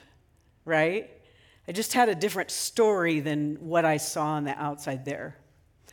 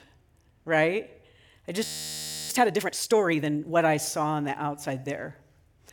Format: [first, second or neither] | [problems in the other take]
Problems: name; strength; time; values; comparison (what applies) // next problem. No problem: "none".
first | audio freezing; at 2 s for 0.5 s